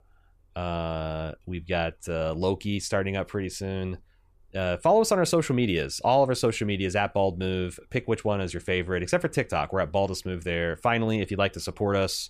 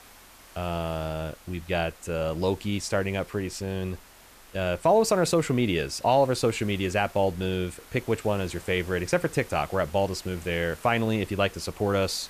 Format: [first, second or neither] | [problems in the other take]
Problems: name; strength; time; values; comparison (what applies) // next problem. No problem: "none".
first | hiss; faint; throughout; 20 dB below the speech